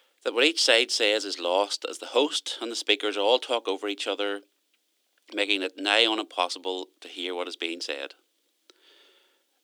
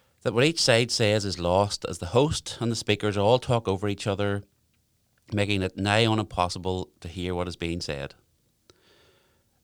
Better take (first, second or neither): second